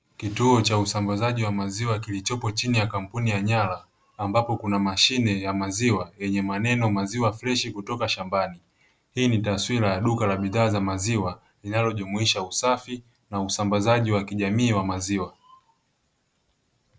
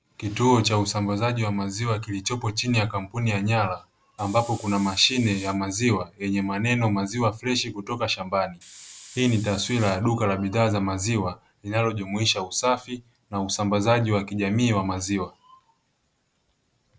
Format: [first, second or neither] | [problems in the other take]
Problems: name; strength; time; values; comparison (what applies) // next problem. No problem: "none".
first | background sound (Hiss); 19 dB below the speech